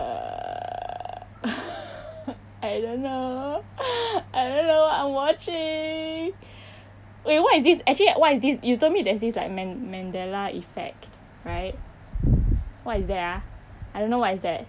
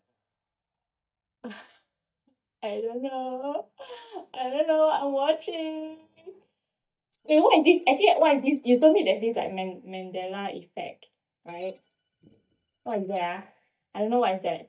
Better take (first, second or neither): first